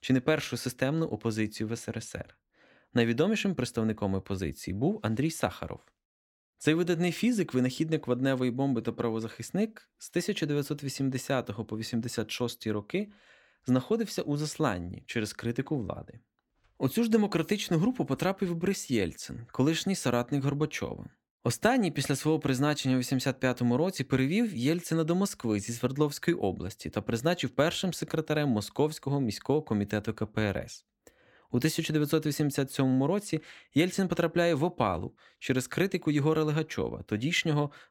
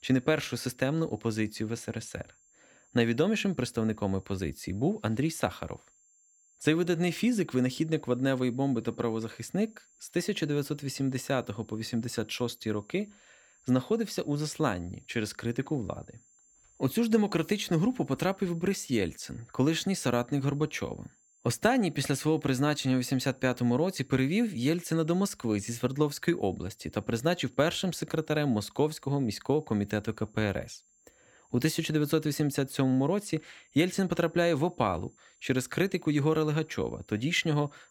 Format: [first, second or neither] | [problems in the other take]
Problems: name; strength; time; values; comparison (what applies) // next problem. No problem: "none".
first | high-pitched whine; faint; throughout; 7.5 kHz, 30 dB below the speech